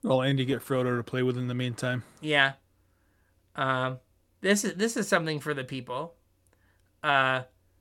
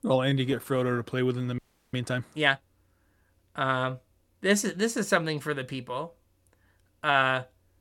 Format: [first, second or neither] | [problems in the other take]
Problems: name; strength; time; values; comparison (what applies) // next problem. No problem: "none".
first | audio freezing; at 1.5 s